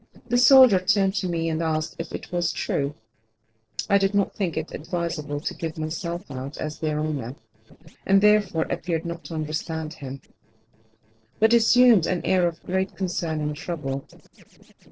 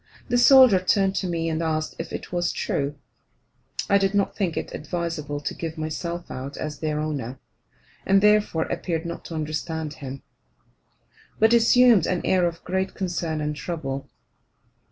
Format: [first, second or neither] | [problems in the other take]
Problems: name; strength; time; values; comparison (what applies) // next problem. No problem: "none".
second | noise reduction (neural separator model SepFormer DNS4)